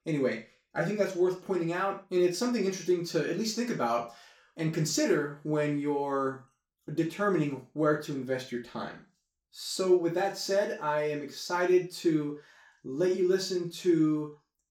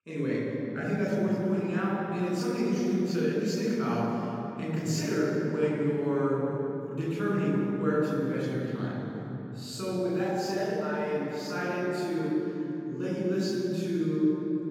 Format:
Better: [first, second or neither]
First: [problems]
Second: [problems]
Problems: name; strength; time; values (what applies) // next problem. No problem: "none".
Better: first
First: room echo; slight; dies away in 0.3 s // off-mic speech; far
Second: room echo; strong; dies away in 3 s // off-mic speech; far